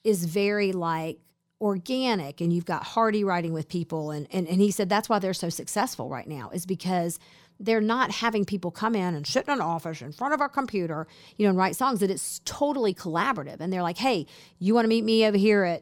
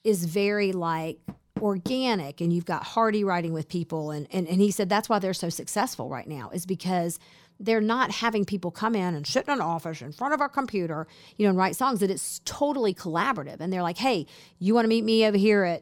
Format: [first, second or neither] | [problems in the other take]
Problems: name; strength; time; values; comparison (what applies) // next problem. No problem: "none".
first | door banging; faint; at 1.5 s; peak 10 dB below the speech